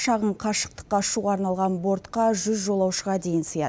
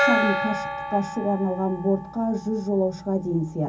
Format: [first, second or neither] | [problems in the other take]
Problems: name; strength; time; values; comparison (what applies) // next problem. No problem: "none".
first | background sound (Gong); 4 dB below the speech // room echo; dies away in 0.4 s